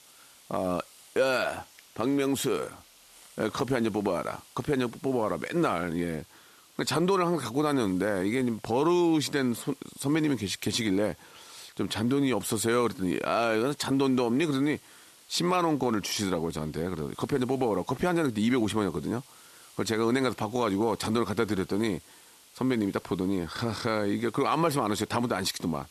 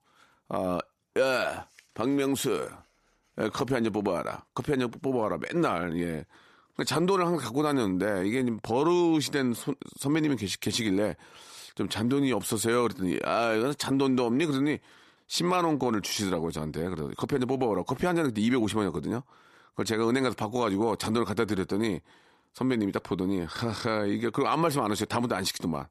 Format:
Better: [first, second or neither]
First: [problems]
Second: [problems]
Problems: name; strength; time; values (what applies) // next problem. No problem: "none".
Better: second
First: hiss; faint; throughout; 25 dB below the speech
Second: none